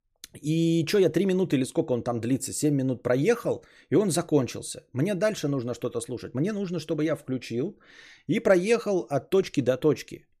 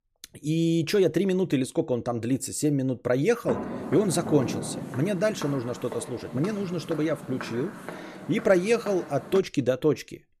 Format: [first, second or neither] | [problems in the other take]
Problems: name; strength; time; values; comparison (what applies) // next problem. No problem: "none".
first | footsteps; noticeable; from 3.5 to 9.5 s; peak 5 dB below the speech